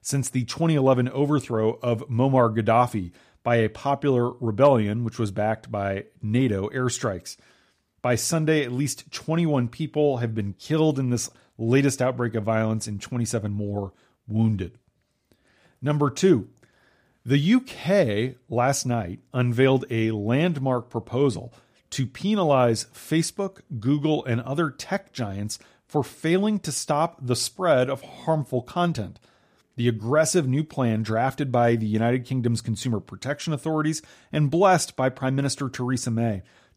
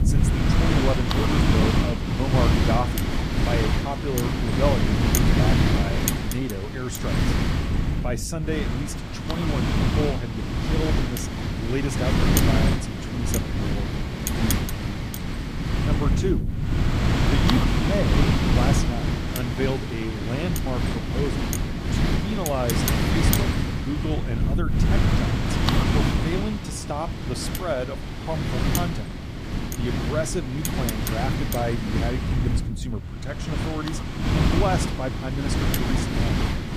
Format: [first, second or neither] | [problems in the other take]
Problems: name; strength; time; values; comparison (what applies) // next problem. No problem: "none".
first | wind noise on the microphone; heavy; 3 dB above the speech